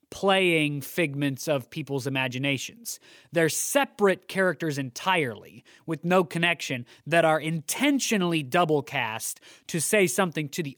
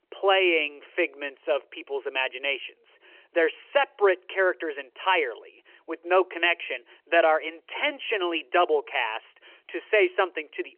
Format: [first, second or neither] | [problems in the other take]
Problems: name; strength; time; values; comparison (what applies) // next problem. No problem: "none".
first | phone-call audio; nothing above 3 kHz